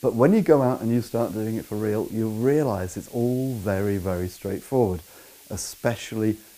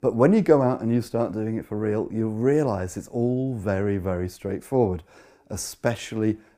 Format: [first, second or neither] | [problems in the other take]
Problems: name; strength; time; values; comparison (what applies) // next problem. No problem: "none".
second | hiss; faint; throughout; 20 dB below the speech